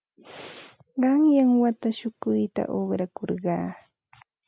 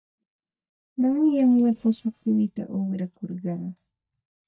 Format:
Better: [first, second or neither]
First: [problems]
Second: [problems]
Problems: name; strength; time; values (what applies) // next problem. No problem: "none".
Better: first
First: none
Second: noise reduction (neural mask model DeepFilterNet 3)